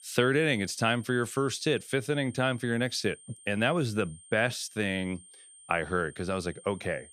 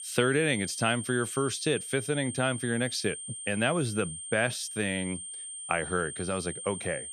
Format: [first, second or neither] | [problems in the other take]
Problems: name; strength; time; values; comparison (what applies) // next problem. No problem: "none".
first | high-pitched whine; loud; throughout; 8.5 kHz, 7 dB below the speech; faint in the first